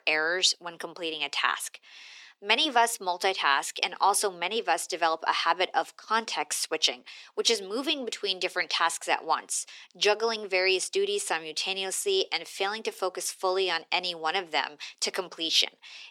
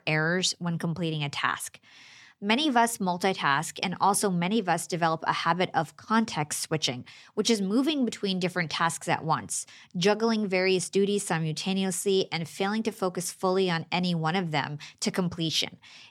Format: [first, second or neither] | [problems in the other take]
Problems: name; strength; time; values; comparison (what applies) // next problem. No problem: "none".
second | thin; very; fading below 350 Hz